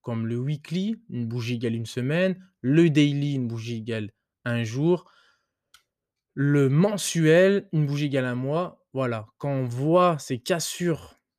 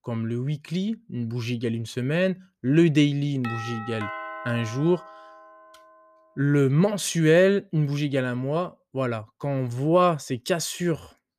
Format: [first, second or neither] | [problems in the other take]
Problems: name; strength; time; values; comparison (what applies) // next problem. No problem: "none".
first | doorbell; noticeable; from 3.5 to 5.5 s; peak 9 dB below the speech